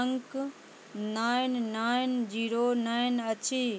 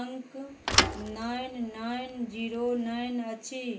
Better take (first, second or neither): first